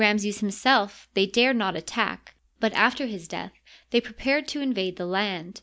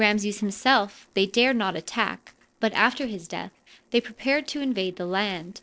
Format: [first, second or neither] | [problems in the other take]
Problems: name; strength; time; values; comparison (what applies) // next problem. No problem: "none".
first | noise reduction (neural separator model SepFormer DNS4)